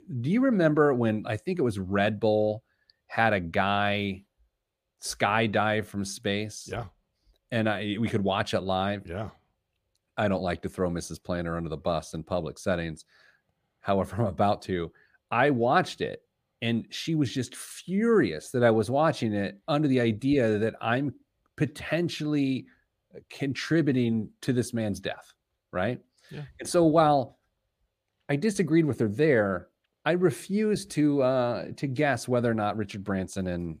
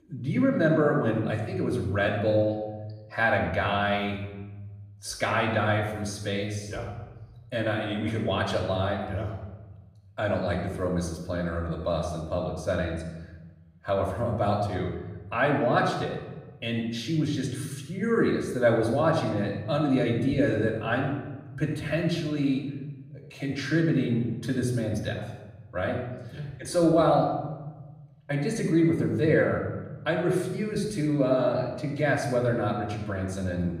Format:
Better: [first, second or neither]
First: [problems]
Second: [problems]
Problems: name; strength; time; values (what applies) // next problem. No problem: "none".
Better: first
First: none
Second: off-mic speech; far // room echo; noticeable; dies away in 1.1 s